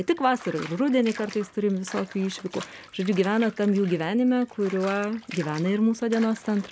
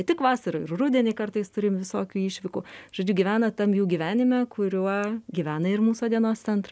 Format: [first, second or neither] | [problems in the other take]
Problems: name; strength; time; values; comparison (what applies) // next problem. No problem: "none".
second | background sound (Bathtub (filling or washing) / Water); 18 dB below the speech